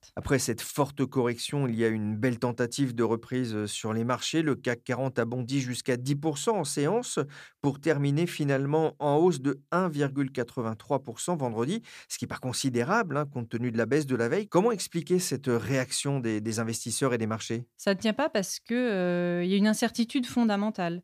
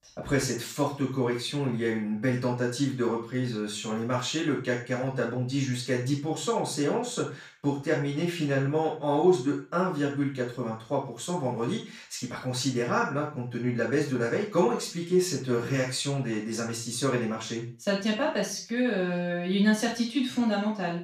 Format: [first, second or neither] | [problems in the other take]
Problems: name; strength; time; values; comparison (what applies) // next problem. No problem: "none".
first | room echo; noticeable; dies away in 0.3 s // off-mic speech; far